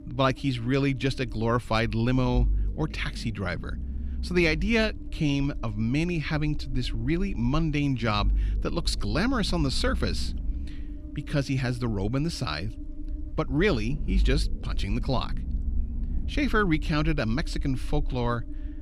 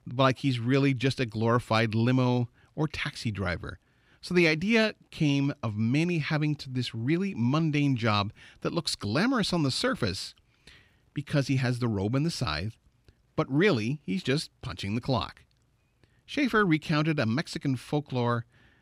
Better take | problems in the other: second | low rumble; noticeable; throughout; 20 dB below the speech

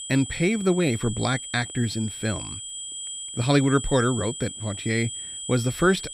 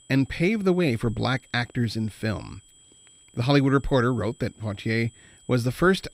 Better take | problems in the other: second | high-pitched whine; loud; throughout; 8 kHz, 8 dB below the speech; faint in the second

